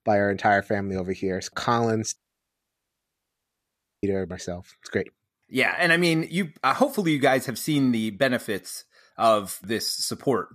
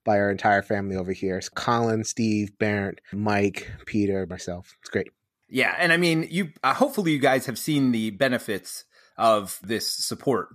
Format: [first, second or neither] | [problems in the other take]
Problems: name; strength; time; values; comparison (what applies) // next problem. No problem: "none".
second | audio cutting out; at 2 s for 2 s